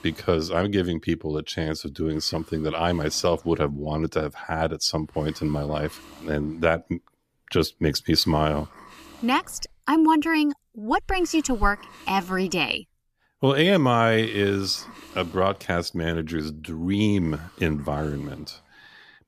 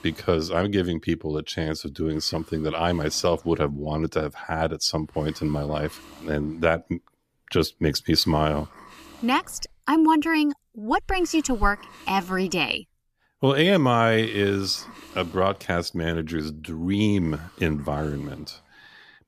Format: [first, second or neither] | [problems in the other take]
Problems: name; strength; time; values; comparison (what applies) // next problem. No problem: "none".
neither | hiss; faint; throughout; 25 dB below the speech; the same in both